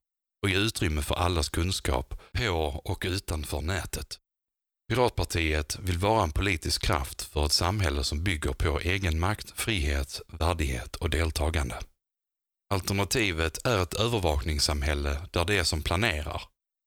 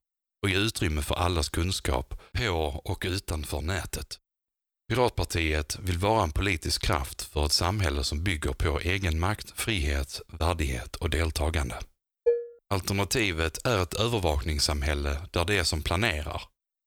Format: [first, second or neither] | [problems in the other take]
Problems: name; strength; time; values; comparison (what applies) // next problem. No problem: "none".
first | clattering dishes; loud; at 12 s; peak level with the speech